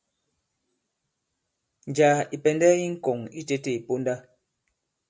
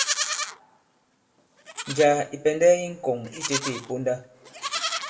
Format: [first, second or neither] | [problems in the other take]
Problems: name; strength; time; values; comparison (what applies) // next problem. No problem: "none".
first | background sound (Livestock, farm animals, working animals); 6 dB below the speech // room echo; dies away in 0.6 s